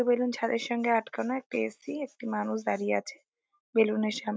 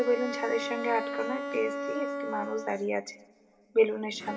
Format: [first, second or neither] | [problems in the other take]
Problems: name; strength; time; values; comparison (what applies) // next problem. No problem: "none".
first | background sound (Bowed string instrument); 6 dB below the speech // room echo; dies away in 2.8 s